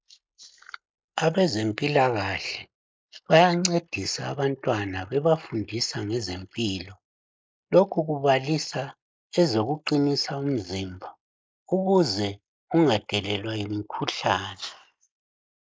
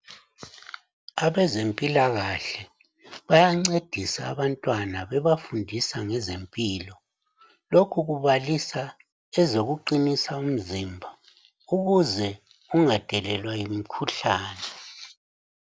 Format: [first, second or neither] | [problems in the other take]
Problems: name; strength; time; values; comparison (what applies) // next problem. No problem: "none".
second | noise reduction (neural mask model Resemble Enhance denoiser)